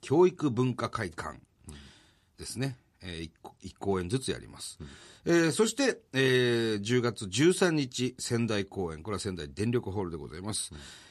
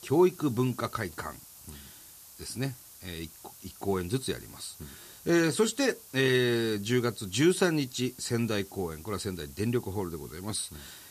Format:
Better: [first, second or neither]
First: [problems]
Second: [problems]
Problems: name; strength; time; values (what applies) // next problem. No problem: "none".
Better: first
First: none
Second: hiss; noticeable; throughout; 20 dB below the speech